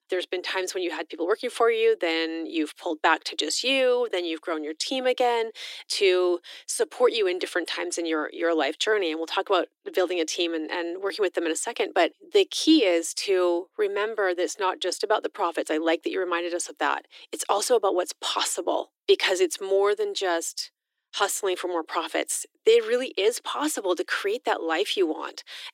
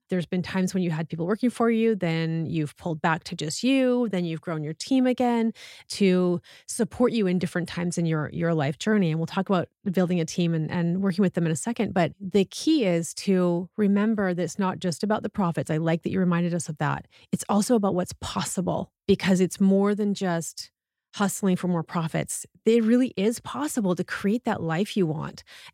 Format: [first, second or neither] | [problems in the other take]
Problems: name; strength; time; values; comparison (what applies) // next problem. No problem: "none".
second | thin; very; fading below 300 Hz